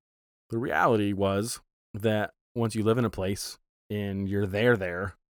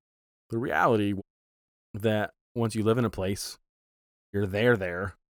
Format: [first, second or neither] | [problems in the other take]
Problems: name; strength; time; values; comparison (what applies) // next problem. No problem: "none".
first | audio cutting out; at 1 s and at 3.5 s for 0.5 s